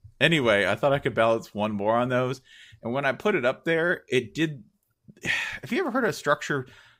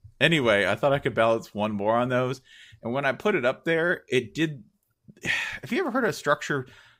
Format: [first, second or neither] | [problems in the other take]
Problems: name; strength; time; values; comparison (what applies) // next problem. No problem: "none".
neither | none